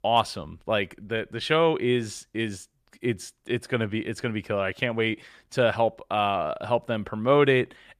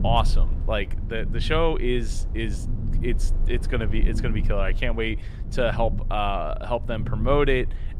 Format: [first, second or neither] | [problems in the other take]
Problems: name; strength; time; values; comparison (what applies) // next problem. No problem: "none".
first | low rumble; noticeable; throughout; 15 dB below the speech